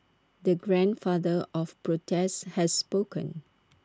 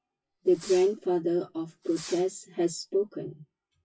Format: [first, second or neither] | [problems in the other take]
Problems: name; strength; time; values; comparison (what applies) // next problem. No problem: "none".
first | noise reduction (classical method WPE with log-MMSE)